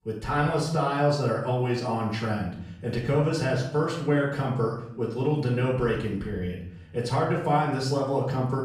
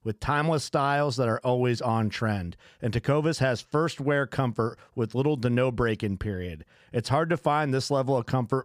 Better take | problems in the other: second | off-mic speech; far // room echo; noticeable; dies away in 0.6 s

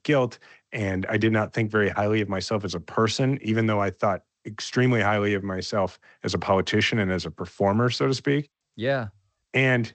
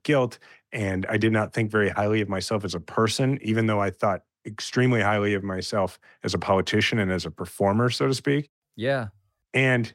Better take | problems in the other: second | garbled, watery; slightly; nothing above 8 kHz

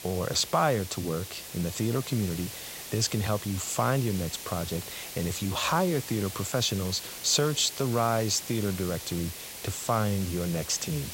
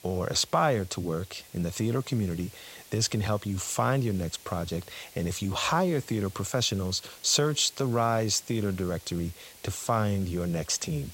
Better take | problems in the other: second | hiss; loud; throughout; 9 dB below the speech; faint in the second

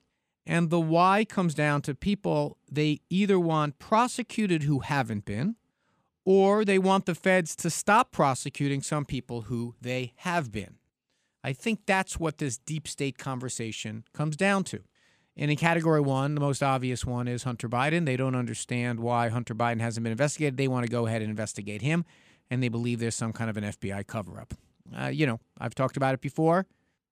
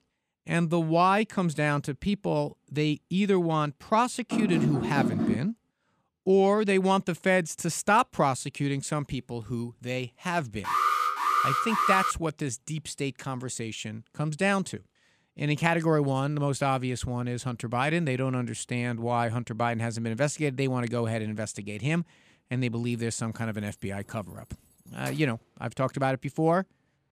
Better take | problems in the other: first | door banging; loud; from 4.5 to 5.5 s; peak 1 dB above the speech // alarm; loud; from 11 to 12 s; peak 4 dB above the speech // jangling keys; faint; from 23 to 25 s; peak 15 dB below the speech

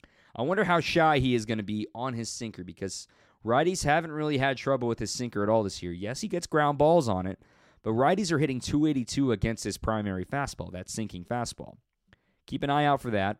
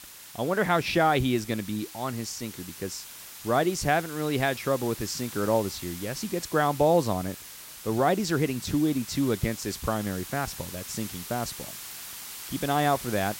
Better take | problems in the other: first | hiss; noticeable; throughout; 10 dB below the speech

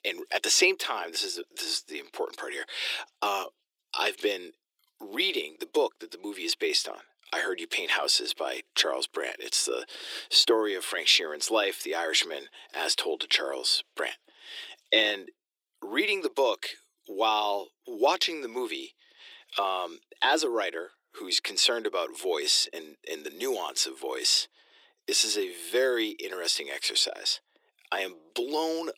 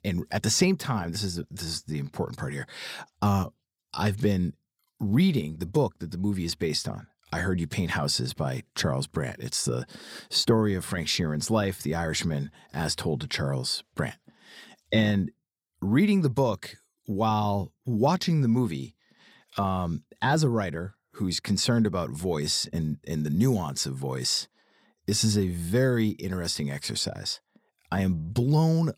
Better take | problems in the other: second | thin; very; fading below 350 Hz

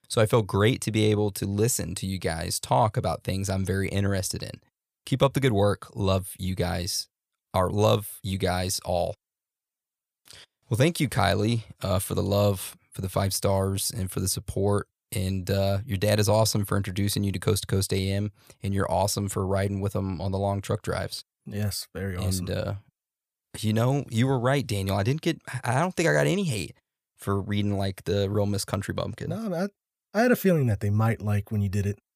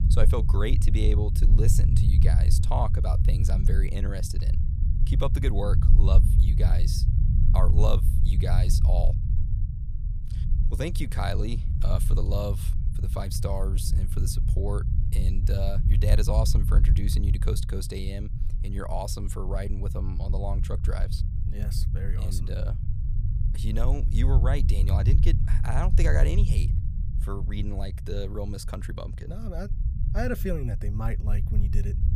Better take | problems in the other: first | low rumble; loud; throughout; 6 dB below the speech

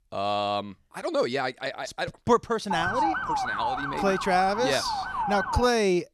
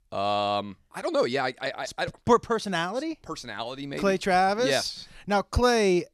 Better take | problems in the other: second | siren; loud; from 2.5 s on; peak 1 dB above the speech

